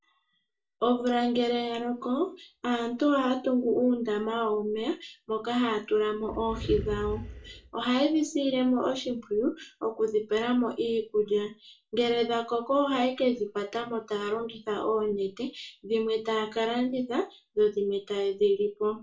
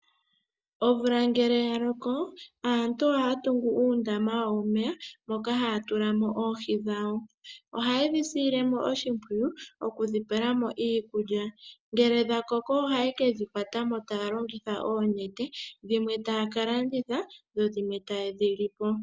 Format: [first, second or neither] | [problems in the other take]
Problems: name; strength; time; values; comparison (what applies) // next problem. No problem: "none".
second | background sound (Animal); 10 dB below the speech // room echo; dies away in 0.2 s